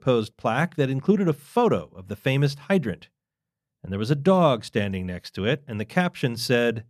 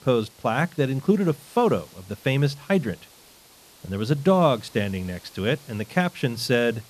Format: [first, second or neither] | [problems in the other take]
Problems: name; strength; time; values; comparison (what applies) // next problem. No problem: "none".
first | hiss; faint; throughout; 25 dB below the speech